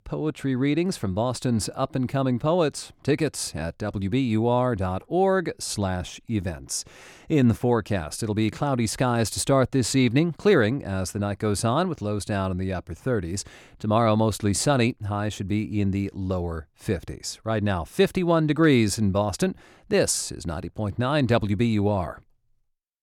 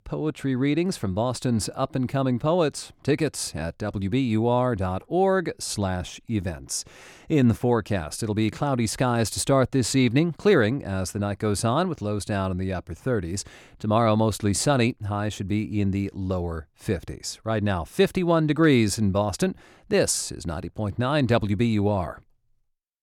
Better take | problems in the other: neither | none

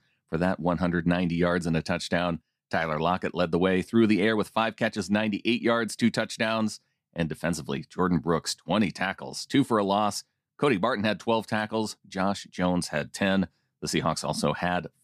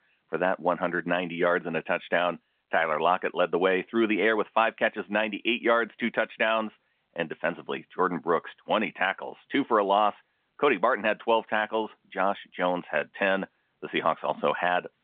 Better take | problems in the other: first | phone-call audio; nothing above 3.5 kHz

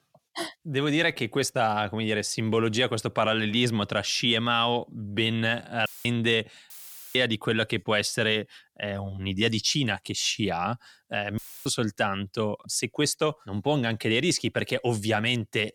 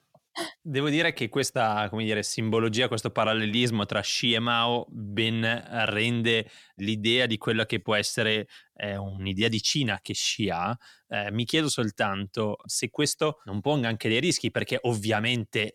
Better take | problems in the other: second | audio cutting out; filled with static; at 6 s, at 6.5 s and at 11 s

